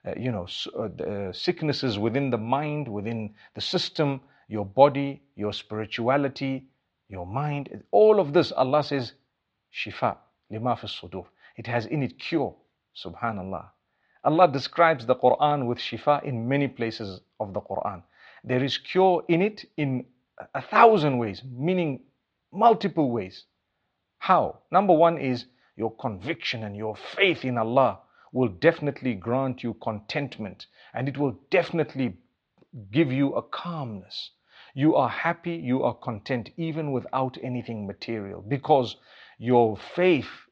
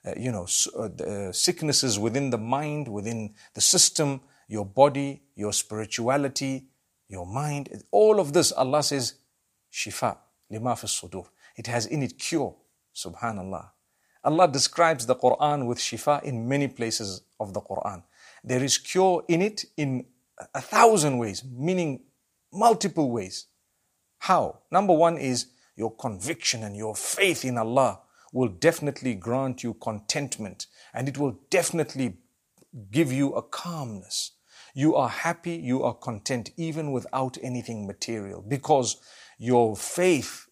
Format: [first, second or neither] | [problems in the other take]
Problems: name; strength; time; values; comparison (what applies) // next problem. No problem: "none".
second | muffled; slightly; fading above 4 kHz